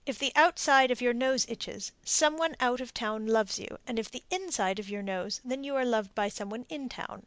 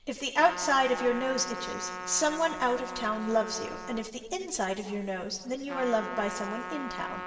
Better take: first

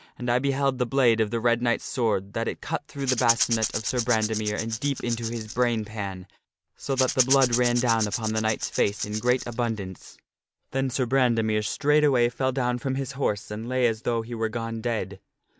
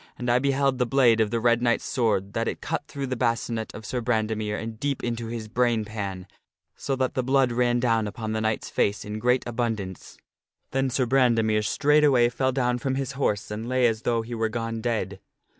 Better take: second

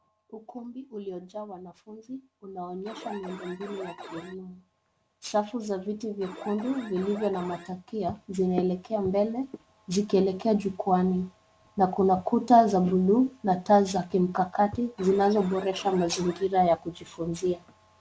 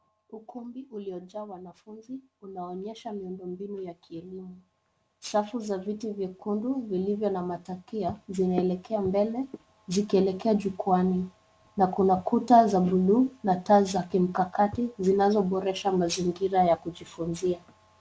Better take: second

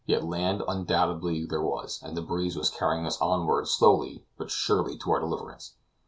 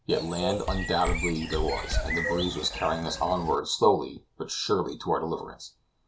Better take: first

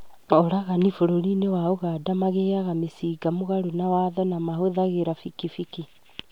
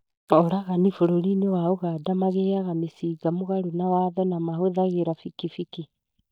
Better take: first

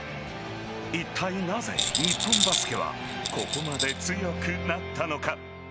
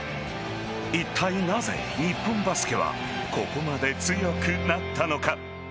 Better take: second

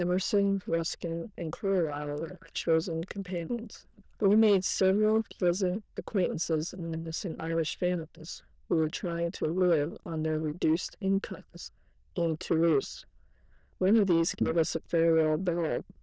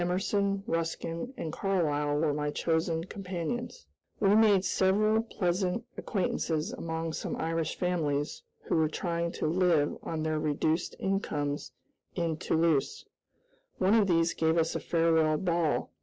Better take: second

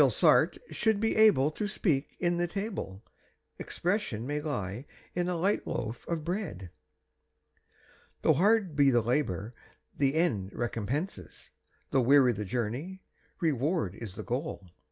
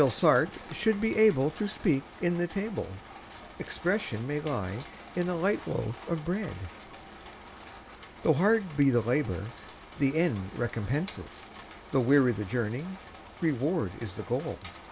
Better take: first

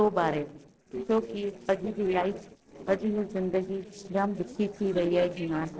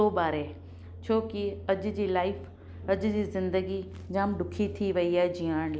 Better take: second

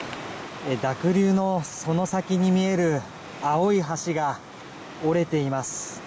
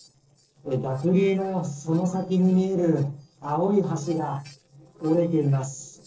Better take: first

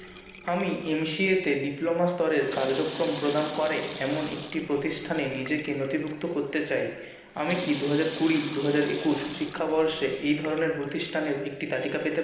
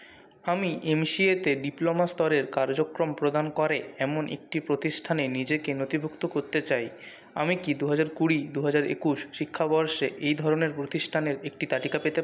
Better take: second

